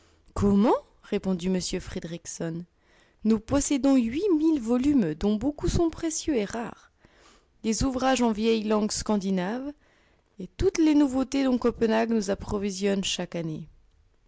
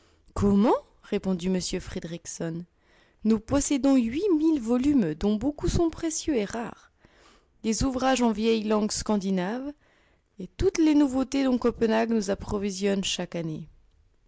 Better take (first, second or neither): first